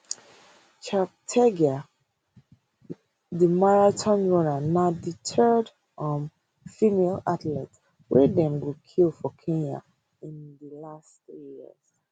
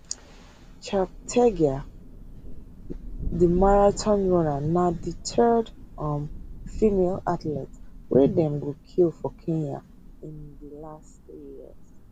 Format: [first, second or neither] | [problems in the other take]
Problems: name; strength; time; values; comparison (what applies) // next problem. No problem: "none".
first | background sound (Thunder); 12 dB below the speech